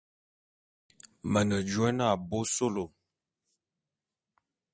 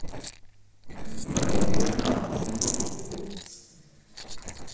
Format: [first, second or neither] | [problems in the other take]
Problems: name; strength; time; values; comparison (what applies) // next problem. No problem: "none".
first | noise reduction (neural separator model SepFormer DNS4)